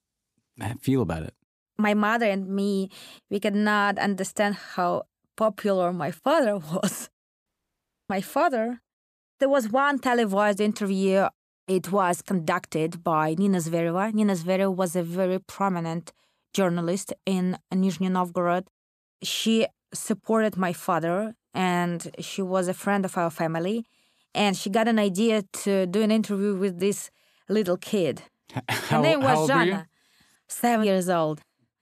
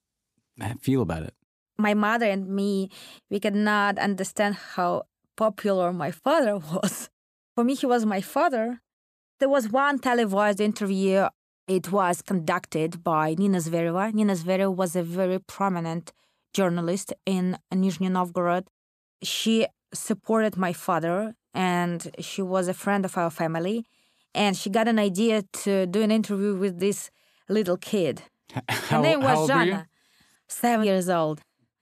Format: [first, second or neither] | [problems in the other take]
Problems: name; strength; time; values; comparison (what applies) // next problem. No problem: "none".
second | audio cutting out; at 7.5 s for 0.5 s